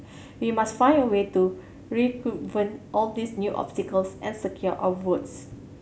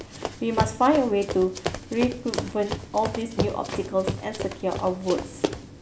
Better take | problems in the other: first | background sound (Run); 6 dB below the speech

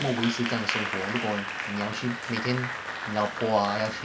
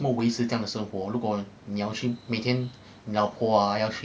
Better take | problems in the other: second | background sound (Applause); 4 dB below the speech

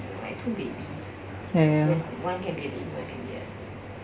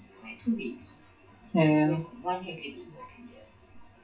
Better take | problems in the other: first | noise reduction (classical method WPE with log-MMSE)

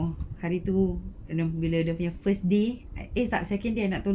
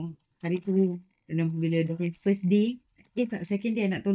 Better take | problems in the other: first | noise reduction (neural mask model DeepFilterNet 3)

